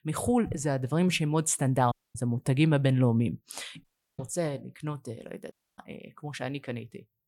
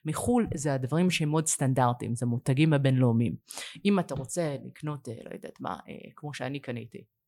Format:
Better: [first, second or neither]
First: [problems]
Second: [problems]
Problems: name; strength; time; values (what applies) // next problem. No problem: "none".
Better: second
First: audio cutting out; at 2 s, at 4 s and at 5.5 s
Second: none